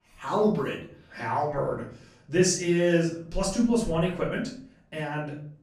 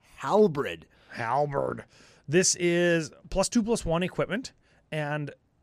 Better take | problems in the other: second | off-mic speech; far // room echo; slight; dies away in 0.5 s

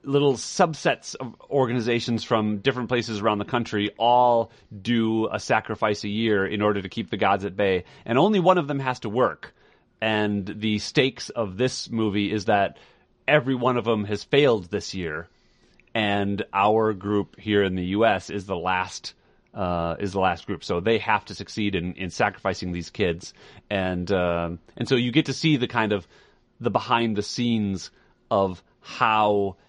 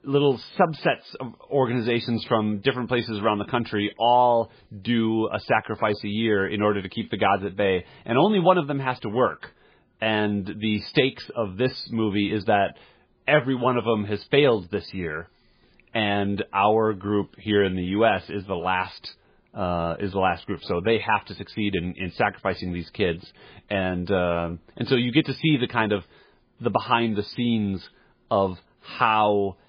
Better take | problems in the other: first | garbled, watery; badly; nothing above 5 kHz; slightly in the first

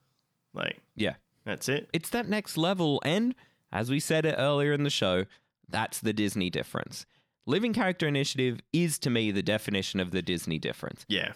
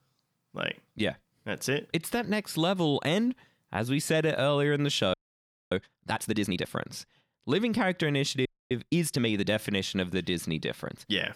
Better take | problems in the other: first | audio freezing; at 5 s for 0.5 s and at 8.5 s

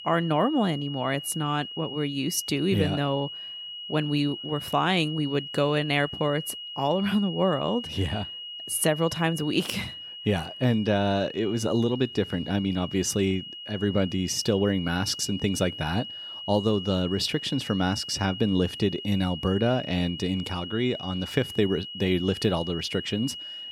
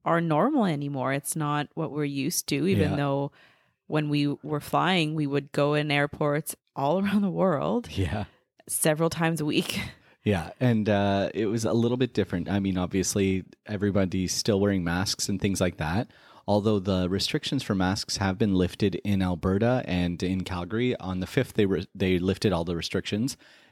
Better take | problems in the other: second | high-pitched whine; loud; throughout; 3 kHz, 9 dB below the speech

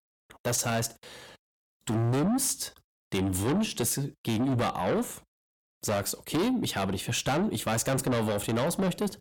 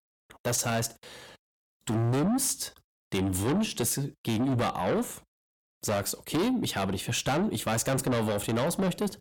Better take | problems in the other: neither | distortion; heavy; 6 dB below the speech; the same in both

